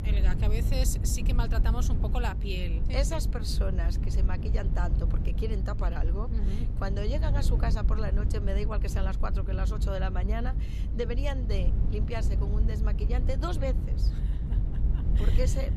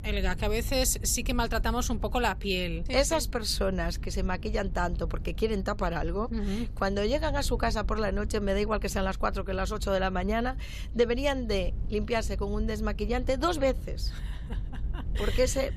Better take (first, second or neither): second